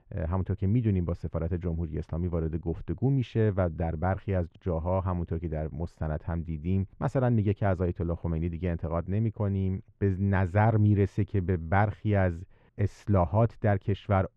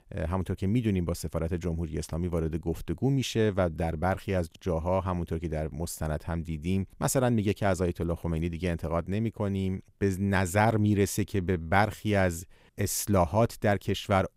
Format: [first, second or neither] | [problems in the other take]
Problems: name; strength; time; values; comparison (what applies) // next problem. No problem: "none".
second | muffled; very; fading above 2 kHz